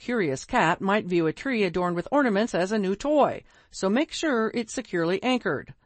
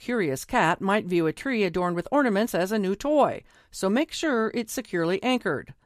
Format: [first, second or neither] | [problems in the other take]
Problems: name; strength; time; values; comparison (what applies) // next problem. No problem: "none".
second | garbled, watery; slightly; nothing above 8 kHz